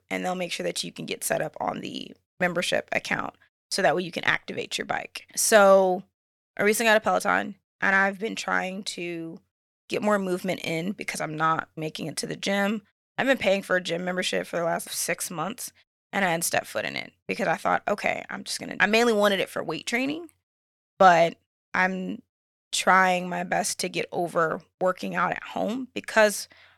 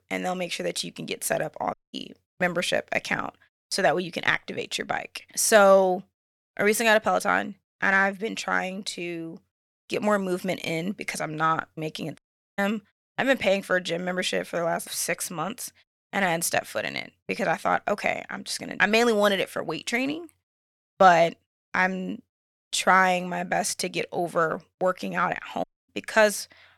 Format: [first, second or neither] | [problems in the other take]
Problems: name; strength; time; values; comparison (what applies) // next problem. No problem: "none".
first | audio cutting out; at 1.5 s, at 12 s and at 26 s